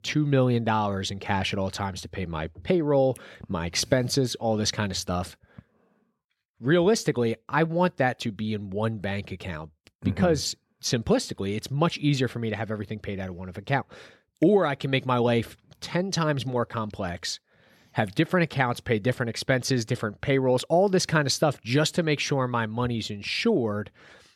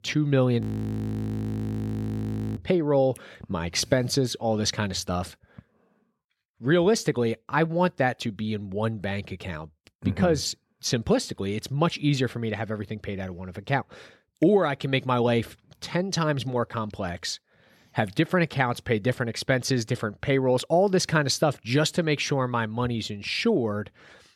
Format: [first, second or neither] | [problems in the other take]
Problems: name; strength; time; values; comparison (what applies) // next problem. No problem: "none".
first | audio freezing; at 0.5 s for 2 s